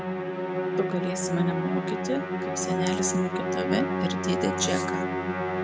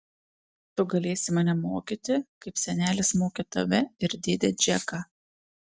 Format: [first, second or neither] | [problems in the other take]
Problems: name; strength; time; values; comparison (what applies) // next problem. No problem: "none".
second | background sound (Musical instrument); 2 dB above the speech